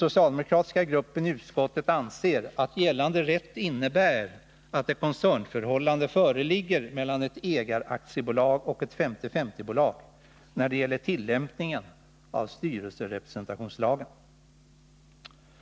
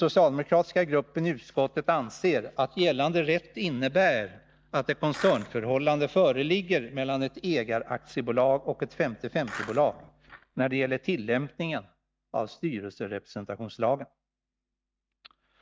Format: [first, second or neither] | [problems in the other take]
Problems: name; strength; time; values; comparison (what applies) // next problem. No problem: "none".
first | noise reduction (neural mask model DeepFilterNet 3)